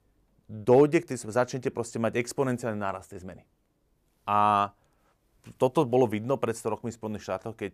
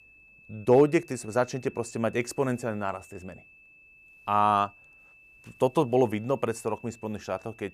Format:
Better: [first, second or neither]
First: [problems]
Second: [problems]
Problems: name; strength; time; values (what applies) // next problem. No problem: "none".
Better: first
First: none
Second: high-pitched whine; faint; throughout; 2.5 kHz, 25 dB below the speech